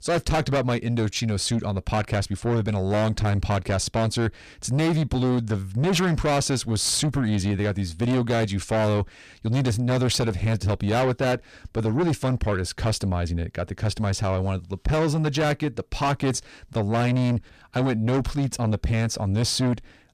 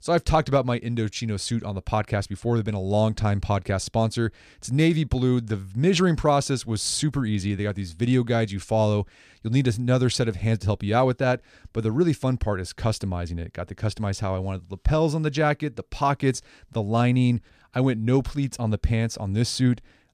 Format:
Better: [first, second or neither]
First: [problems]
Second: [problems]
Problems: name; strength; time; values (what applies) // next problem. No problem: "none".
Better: second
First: distortion; heavy; 7 dB below the speech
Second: none